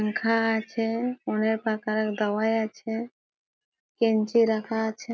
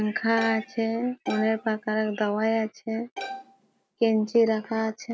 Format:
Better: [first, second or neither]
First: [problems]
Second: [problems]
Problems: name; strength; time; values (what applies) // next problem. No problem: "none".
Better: first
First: none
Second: background sound (Bowed string instrument); 13 dB below the speech